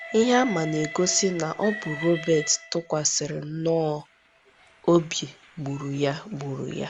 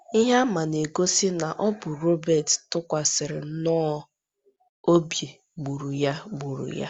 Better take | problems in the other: second | background sound (Train); 15 dB below the speech

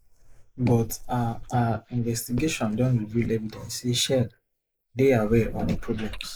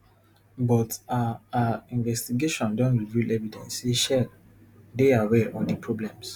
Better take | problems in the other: second | noise reduction (neural mask model Resemble Enhance denoiser)

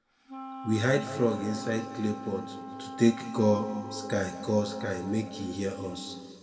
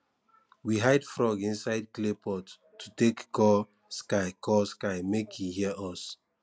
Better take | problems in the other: second | background sound (Wind instrument, woodwind instrument); 12 dB below the speech // room echo; dies away in 1.8 s

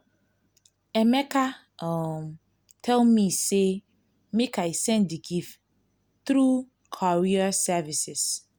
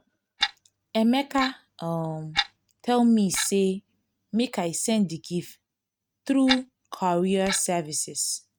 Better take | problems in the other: first | noise reduction (neural mask model RNNoise)

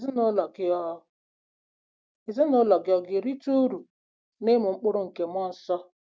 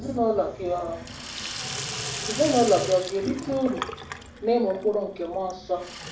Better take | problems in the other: first | background sound (Sink (filling or washing) / Water tap, faucet); 9 dB below the speech // room echo; dies away in 0.4 s

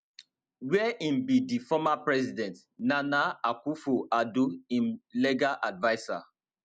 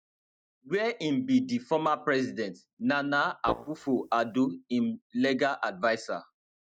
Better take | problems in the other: first | noise reduction (neural mask model DeepFilterNet 3)

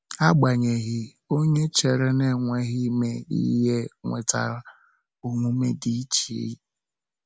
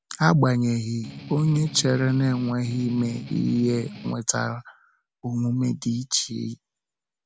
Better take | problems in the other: first | background sound (Strum); 13 dB below the speech

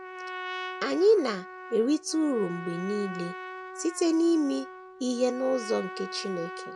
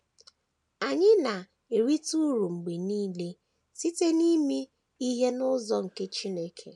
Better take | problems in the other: second | background sound (Trumpet); 12 dB below the speech

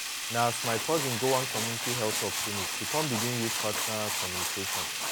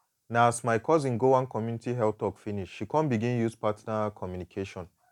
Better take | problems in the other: second | background sound (Sink (filling or washing) + Tools); 1 dB above the speech

